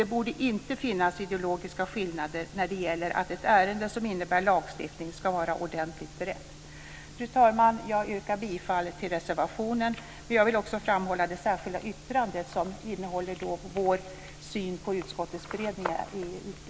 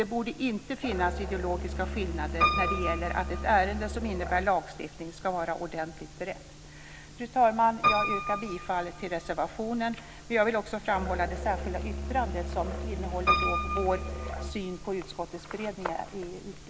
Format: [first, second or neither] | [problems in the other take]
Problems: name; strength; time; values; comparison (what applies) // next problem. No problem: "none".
first | background sound (Musical instrument + Piano); 3 dB below the speech